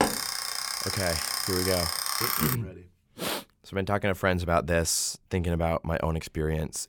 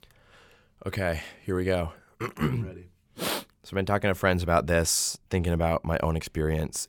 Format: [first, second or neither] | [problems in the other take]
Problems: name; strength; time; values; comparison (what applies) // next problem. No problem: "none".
second | alarm; loud; until 2.5 s; peak 3 dB above the speech